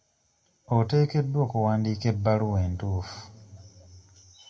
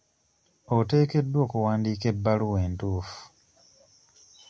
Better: second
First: room echo; dies away in 1.2 s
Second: none

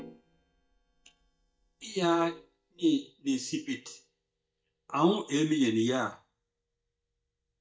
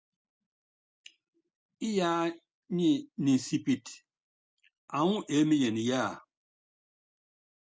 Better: second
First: noise reduction (neural mask model DeepFilterNet 3)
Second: none

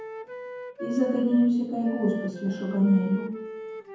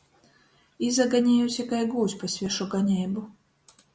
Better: second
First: background sound (Wind instrument, woodwind instrument); 12 dB below the speech // room echo; dies away in 1.2 s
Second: none

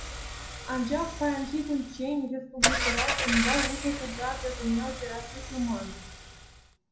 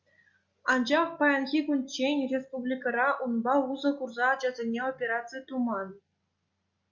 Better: second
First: background sound (Engine / Car); 1 dB below the speech // room echo; dies away in 0.6 s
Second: none

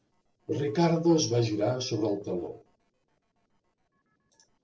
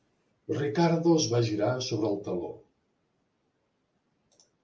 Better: second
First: noise reduction (neural separator model SepFormer DNS4)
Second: none

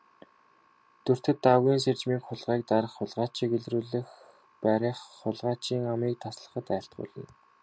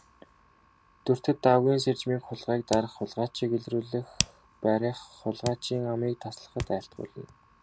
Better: first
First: none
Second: background sound (Hands); 13 dB below the speech

